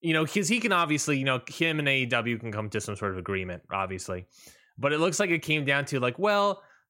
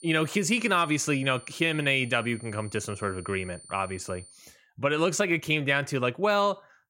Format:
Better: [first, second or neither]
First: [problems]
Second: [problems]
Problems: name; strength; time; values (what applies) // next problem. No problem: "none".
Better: first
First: none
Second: high-pitched whine; faint; until 4.5 s; 9 kHz, 20 dB below the speech